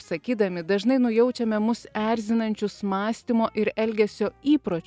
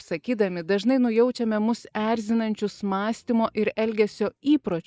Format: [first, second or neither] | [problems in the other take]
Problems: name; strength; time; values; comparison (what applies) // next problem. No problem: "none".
first | noise reduction (neural mask model Resemble Enhance denoiser)